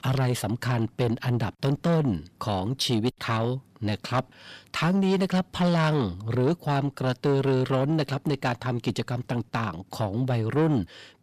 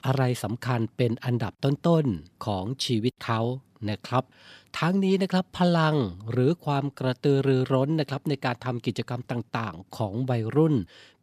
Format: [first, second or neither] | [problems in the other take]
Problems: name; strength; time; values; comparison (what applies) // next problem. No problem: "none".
second | distortion; slight; 9 dB below the speech